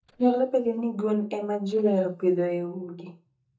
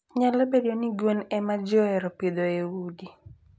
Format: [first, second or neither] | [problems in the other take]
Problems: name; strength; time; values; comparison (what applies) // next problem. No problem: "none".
second | noise reduction (neural mask model DeepFilterNet 3)